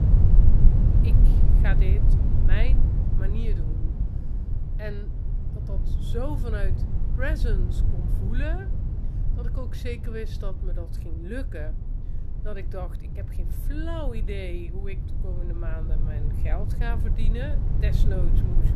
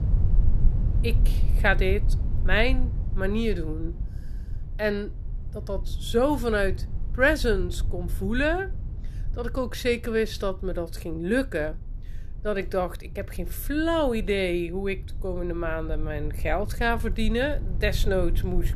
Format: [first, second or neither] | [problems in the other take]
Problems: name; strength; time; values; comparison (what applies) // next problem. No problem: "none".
second | low rumble; loud; throughout; 4 dB below the speech; faint in the second